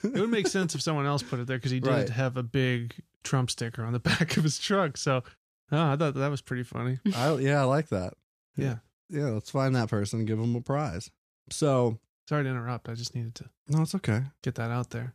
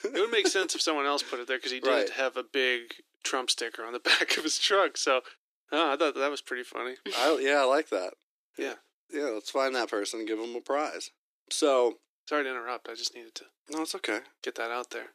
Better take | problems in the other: first | thin; very; fading below 300 Hz

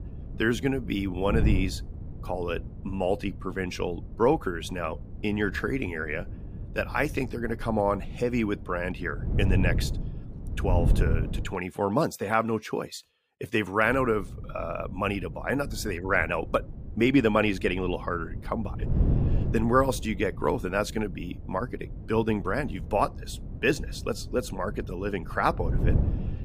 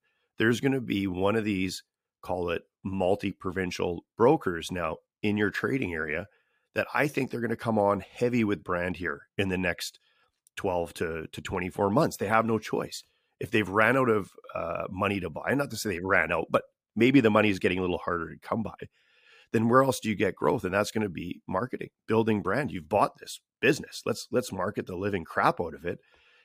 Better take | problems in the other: second | wind noise on the microphone; occasional gusts; until 12 s and from 14 s on; 15 dB below the speech

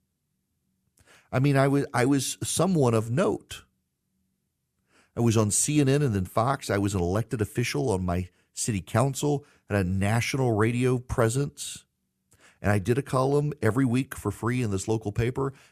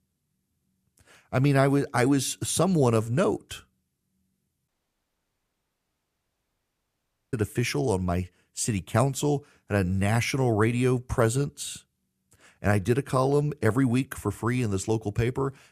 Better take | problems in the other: first | audio cutting out; at 4.5 s for 2.5 s

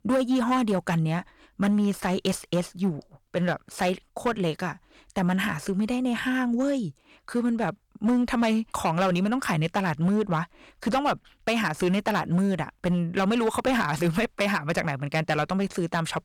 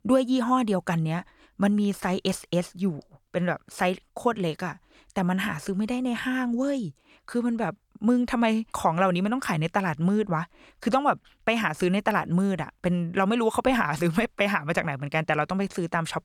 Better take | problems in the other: second | distortion; slight; 7% of the sound clipped

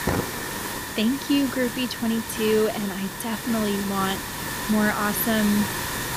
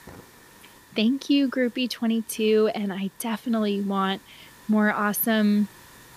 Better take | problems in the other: second | hiss; loud; throughout; 5 dB below the speech; faint in the second

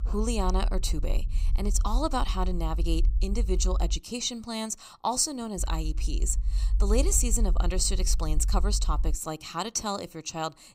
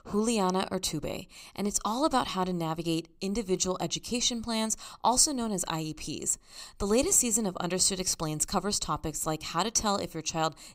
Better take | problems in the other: second | low rumble; faint; until 4 s and from 5.5 to 9 s; 20 dB below the speech

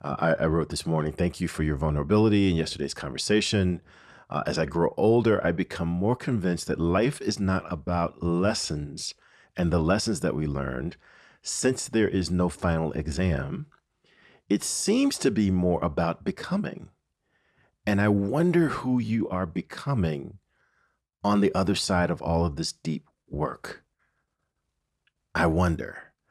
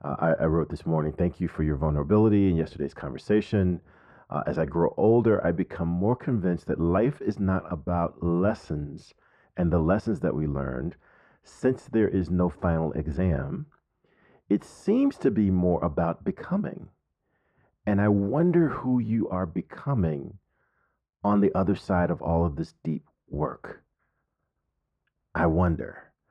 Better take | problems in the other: first | muffled; very; fading above 2.5 kHz

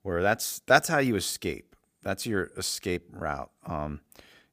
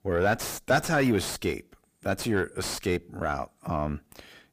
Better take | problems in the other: first | distortion; heavy; 5 dB below the speech

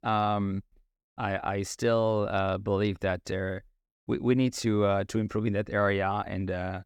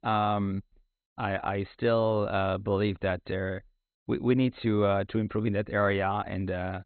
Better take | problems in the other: first | garbled, watery; badly; nothing above 4 kHz

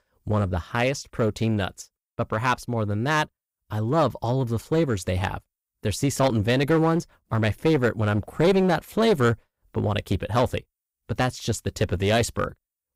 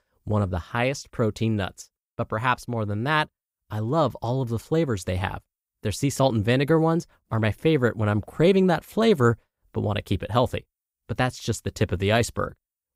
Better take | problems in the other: second | distortion; slight; 5% of the sound clipped

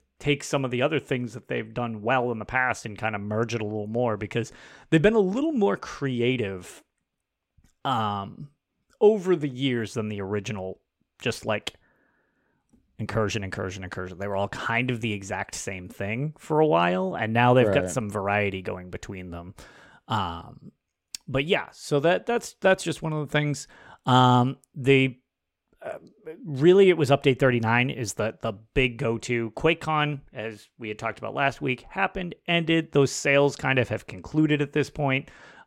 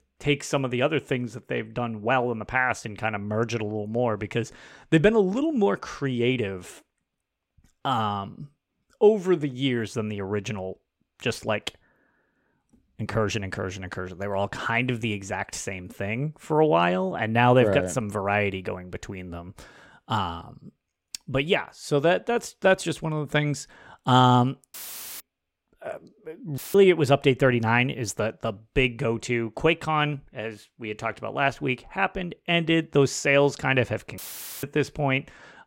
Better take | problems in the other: first | audio cutting out; filled with static; at 25 s, at 27 s and at 34 s

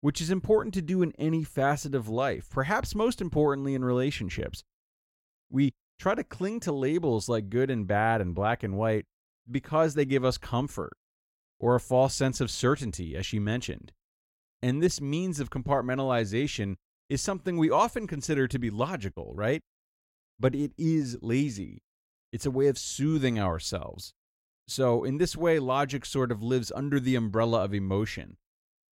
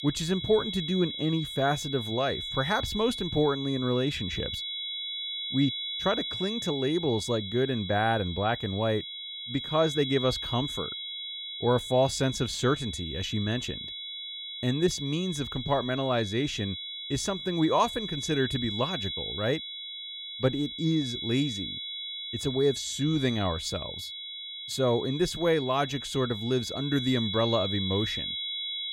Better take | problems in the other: first | high-pitched whine; loud; throughout; 3.5 kHz, 5 dB below the speech

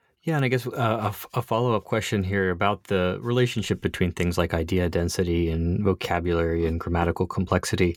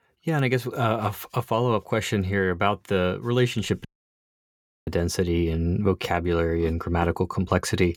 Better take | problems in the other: first | audio cutting out; at 4 s for 1 s

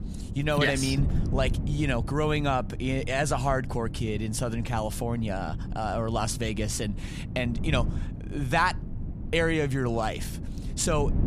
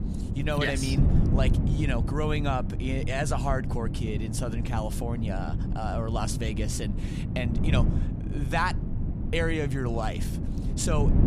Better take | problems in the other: first | wind noise on the microphone; heavy; 8 dB below the speech; occasional gusts in the first

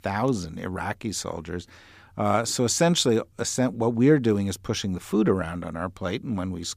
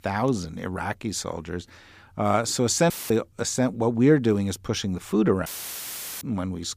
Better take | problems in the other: first | audio cutting out; filled with static; at 3 s and at 5.5 s for 1 s

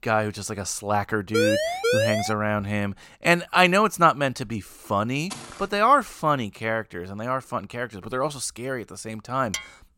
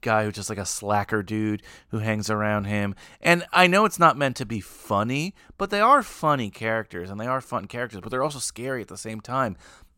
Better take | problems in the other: second | siren; loud; at 1.5 s; peak 2 dB above the speech // footsteps; faint; at 5.5 s; peak 15 dB below the speech // clattering dishes; noticeable; at 9.5 s; peak 8 dB below the speech

